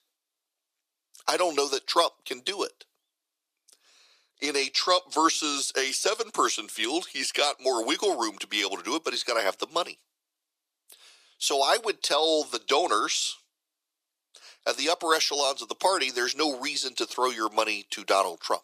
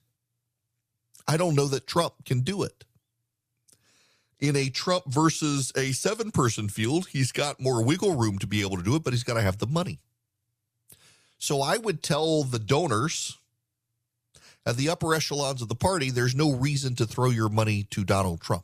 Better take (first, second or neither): second